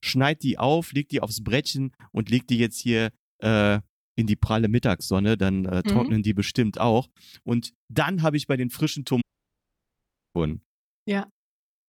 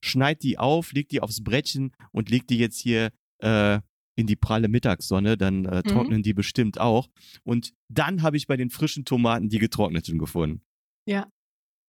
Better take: second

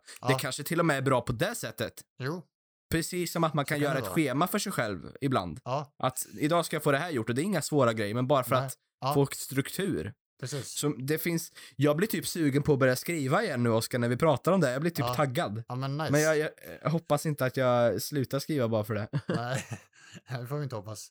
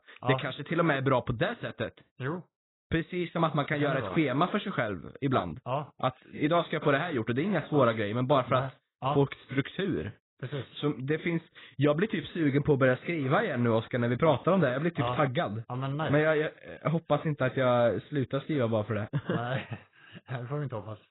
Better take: first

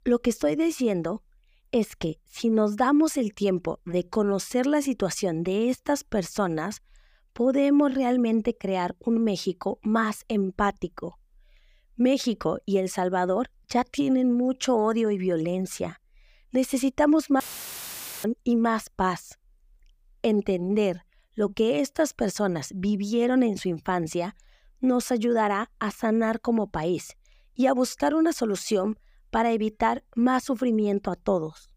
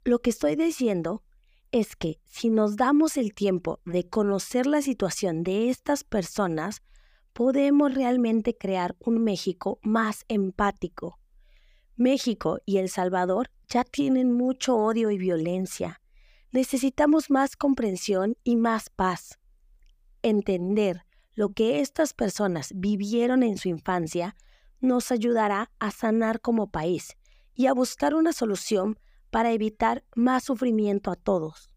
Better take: second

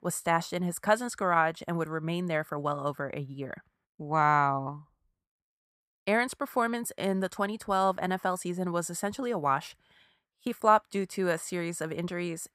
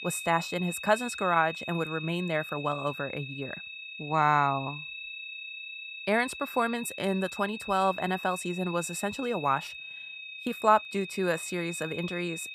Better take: first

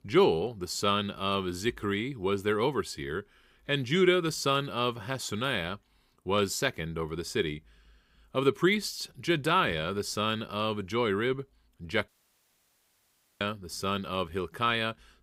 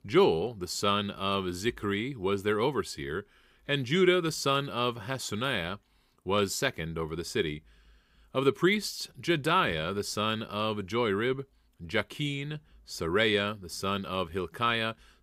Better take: second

